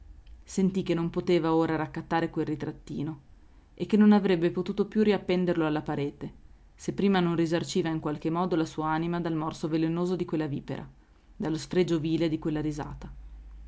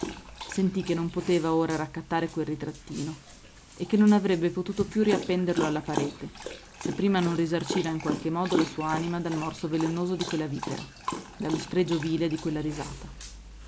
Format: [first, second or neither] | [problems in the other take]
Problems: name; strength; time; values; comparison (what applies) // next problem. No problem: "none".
first | background sound (Dog); 10 dB below the speech